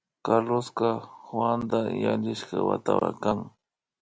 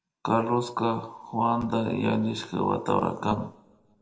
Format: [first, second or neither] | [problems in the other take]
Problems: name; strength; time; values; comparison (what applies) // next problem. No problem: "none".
first | room echo; dies away in 0.6 s